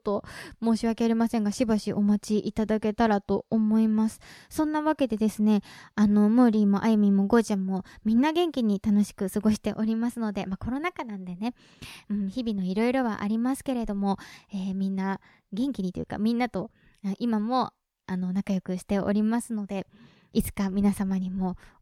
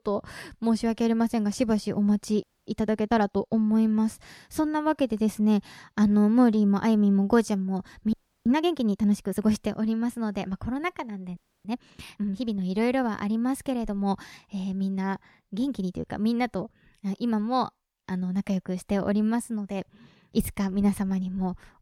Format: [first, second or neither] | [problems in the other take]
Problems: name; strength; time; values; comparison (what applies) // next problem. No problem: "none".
first | audio freezing; at 2.5 s, at 8 s and at 11 s